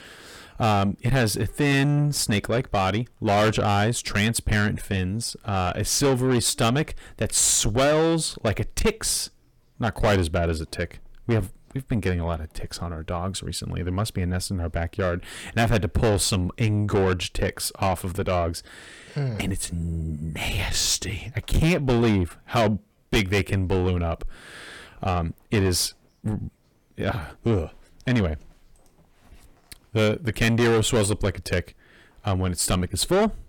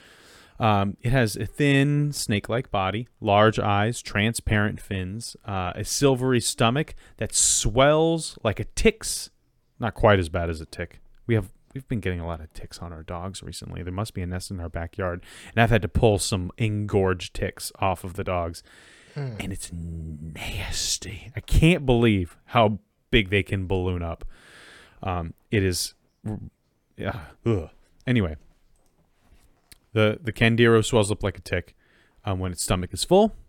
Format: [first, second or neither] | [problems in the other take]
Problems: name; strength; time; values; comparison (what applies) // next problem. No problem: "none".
second | distortion; heavy; 7 dB below the speech